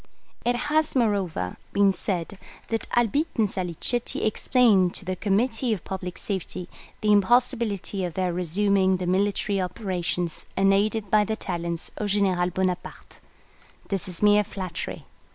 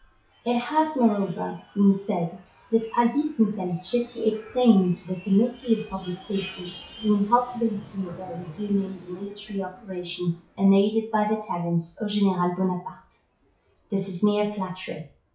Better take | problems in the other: first | noise reduction (classical method WPE with log-MMSE)

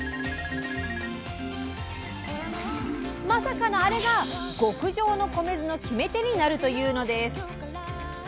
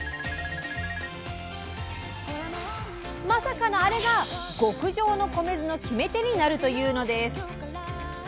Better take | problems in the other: second | background sound (Marimba, xylophone); 11 dB below the speech

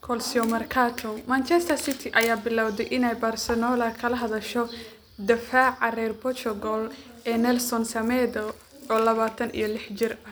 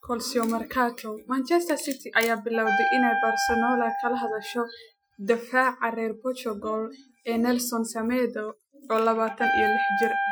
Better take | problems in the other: first | noise reduction (classical method Wiener filter)

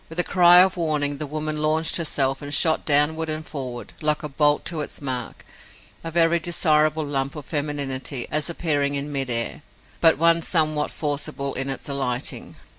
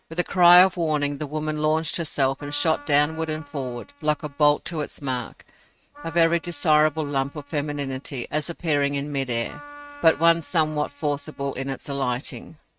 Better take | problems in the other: first | noise reduction (neural mask model RNNoise)

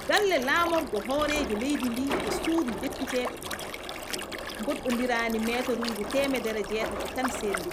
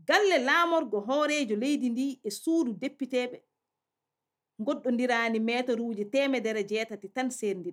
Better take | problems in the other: second | background sound (Liquid + Subway, metro, underground); 5 dB below the speech

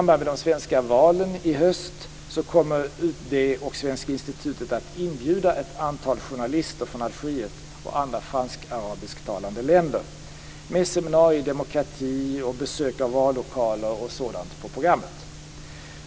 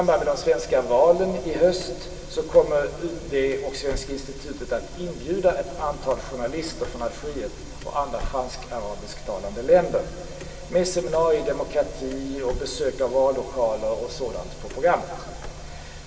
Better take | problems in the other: first | background sound (Car); 17 dB below the speech // room echo; dies away in 2.5 s

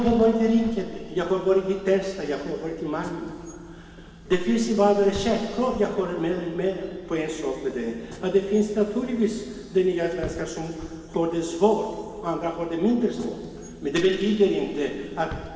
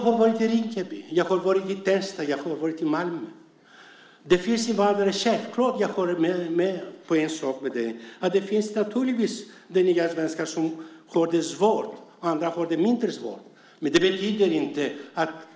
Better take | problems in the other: second | background sound (Bus / Engine); 18 dB below the speech // room echo; dies away in 2.2 s

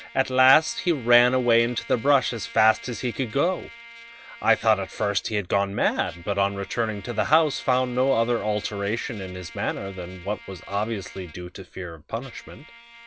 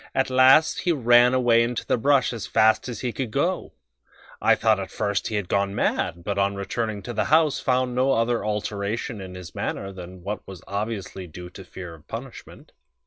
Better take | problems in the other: second | background sound (Trumpet); 20 dB below the speech

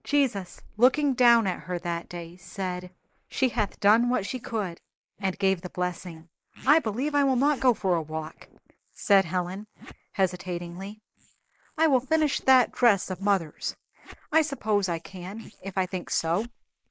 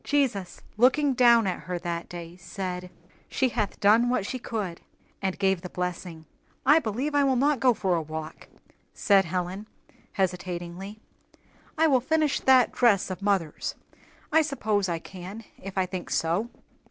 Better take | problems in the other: second | noise reduction (neural mask model Resemble Enhance denoiser)

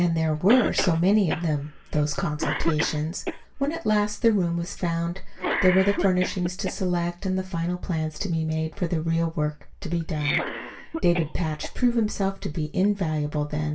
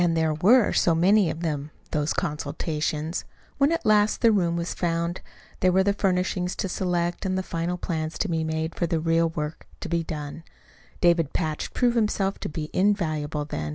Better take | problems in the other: second | background sound (Cough); 11 dB below the speech // room echo; dies away in 0.2 s

